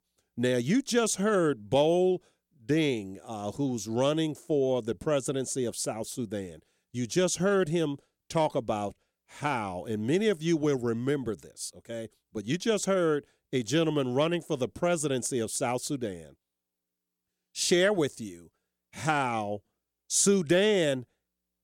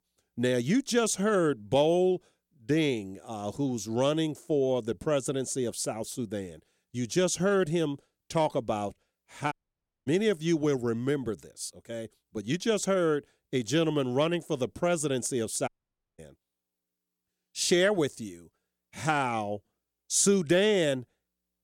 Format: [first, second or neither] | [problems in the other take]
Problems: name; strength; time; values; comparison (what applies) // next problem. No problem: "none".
first | audio cutting out; at 9.5 s for 0.5 s and at 16 s for 0.5 s